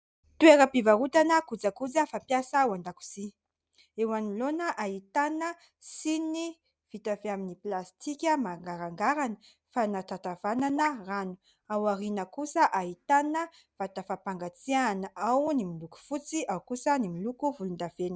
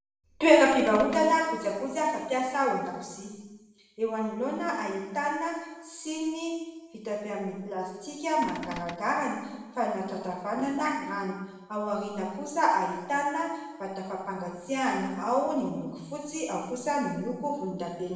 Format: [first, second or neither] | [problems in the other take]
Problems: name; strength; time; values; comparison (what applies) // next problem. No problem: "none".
first | background sound (Cupboard open or close / Door); 12 dB below the speech // room echo; dies away in 1.1 s